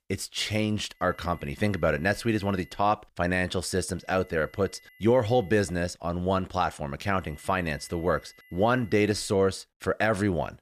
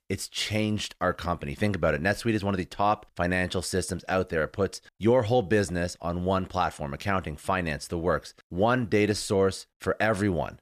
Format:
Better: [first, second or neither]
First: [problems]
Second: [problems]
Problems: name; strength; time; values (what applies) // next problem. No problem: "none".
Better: second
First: high-pitched whine; faint; from 1 to 3 s, from 4 to 6 s and from 7 to 9.5 s; 2 kHz, 25 dB below the speech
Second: none